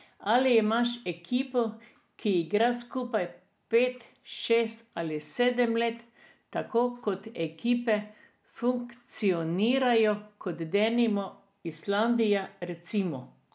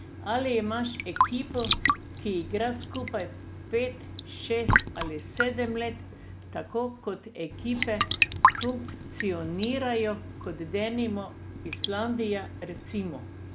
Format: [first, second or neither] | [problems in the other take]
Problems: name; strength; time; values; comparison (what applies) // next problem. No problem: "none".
first | background sound (Raindrop / Drip / Trickle, dribble); as loud as the speech